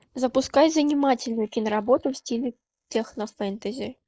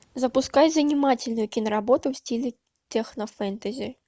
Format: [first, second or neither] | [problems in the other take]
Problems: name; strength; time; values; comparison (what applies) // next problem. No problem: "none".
second | noise reduction (neural mask model Resemble Enhance denoiser)